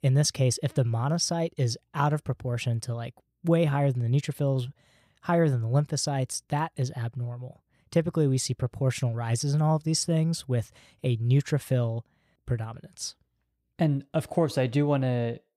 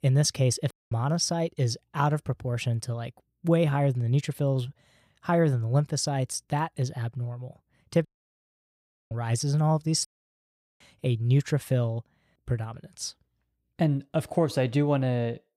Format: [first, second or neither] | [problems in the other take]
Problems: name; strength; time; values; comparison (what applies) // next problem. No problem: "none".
first | audio cutting out; at 0.5 s, at 8 s for 1 s and at 10 s for 1 s